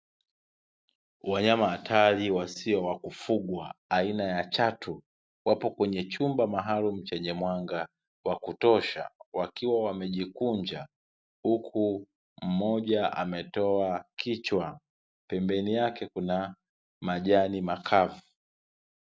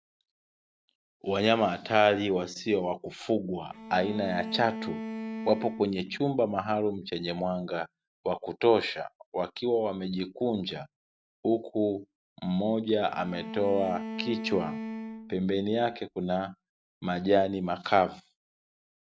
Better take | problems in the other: first | background sound (Bowed string instrument); 9 dB below the speech

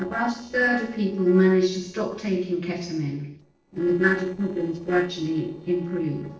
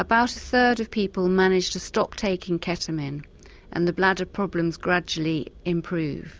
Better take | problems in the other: second | noise reduction (neural separator model SepFormer DNS4)

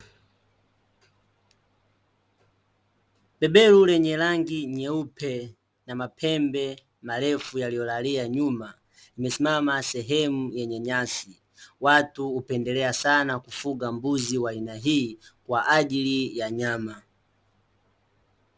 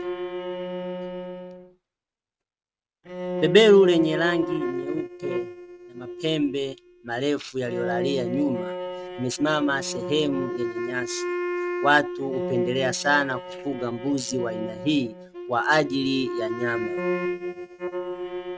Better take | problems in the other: first | noise reduction (neural mask model RNNoise)

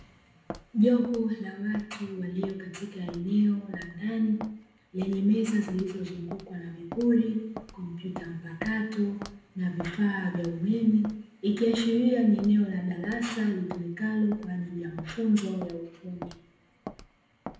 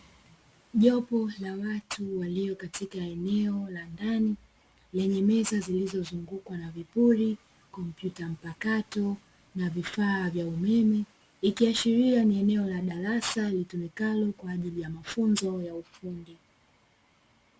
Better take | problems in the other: second | background sound (Walk, footsteps); 17 dB below the speech // room echo; dies away in 0.7 s

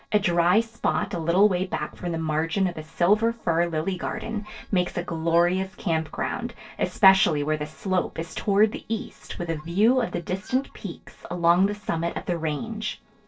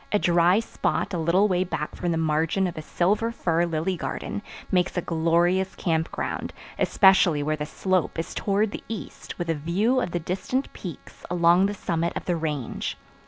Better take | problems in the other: second | noise reduction (neural separator model SepFormer DNS4)

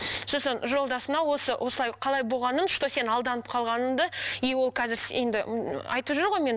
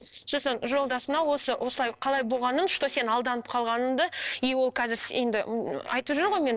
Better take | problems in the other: first | noise reduction (neural separator model SepFormer DNS4)

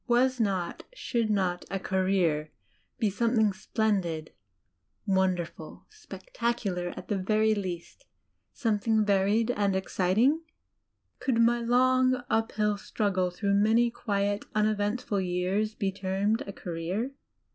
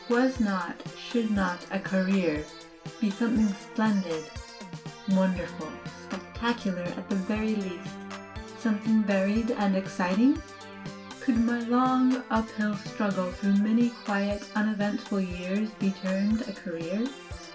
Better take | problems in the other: first | background sound (Organ); 13 dB below the speech // room echo; dies away in 0.2 s

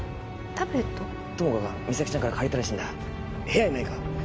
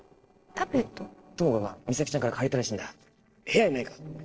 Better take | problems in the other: first | noise reduction (neural separator model SepFormer DNS4)

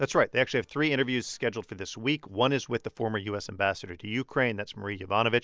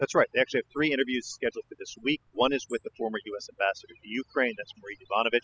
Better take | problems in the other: first | noise reduction (classical method spectral subtraction)

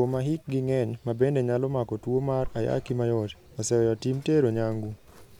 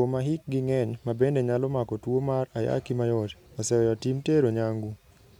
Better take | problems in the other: second | background sound (Drawer open or close); 19 dB below the speech

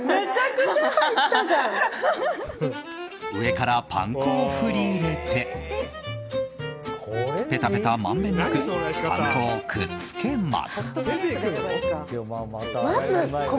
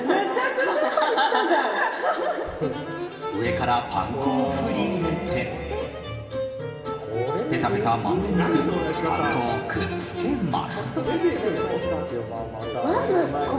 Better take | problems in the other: first | background sound (Bowed string instrument); 18 dB below the speech // room echo; dies away in 2.6 s

